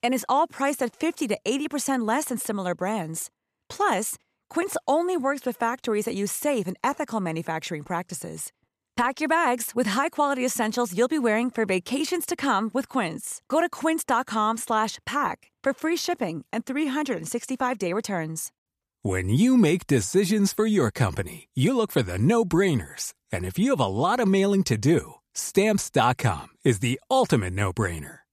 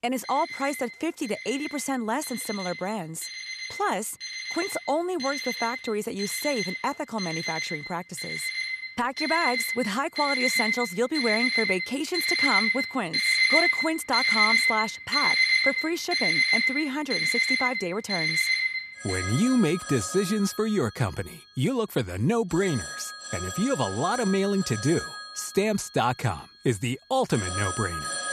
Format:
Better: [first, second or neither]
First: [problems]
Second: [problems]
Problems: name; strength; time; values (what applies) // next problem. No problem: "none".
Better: first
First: none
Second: alarms or sirens; very loud; throughout; 2 dB above the speech